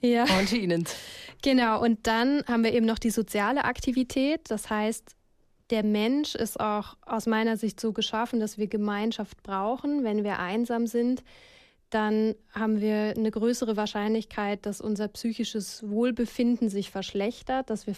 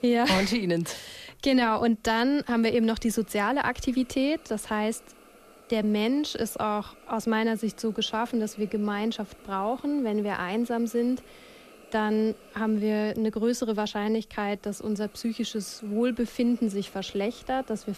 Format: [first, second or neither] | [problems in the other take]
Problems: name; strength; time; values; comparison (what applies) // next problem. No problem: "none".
first | hiss; faint; throughout; 25 dB below the speech